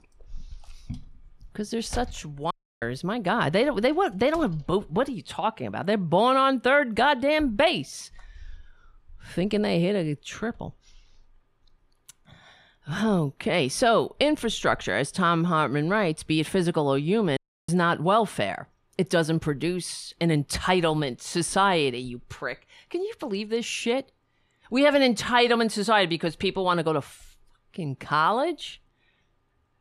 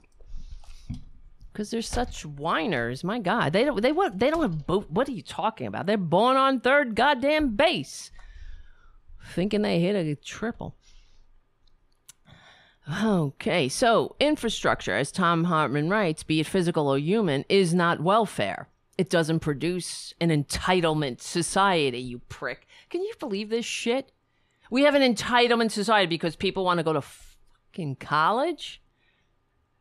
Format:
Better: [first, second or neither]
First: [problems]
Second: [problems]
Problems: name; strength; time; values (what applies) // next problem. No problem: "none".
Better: second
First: audio cutting out; at 2.5 s and at 17 s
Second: none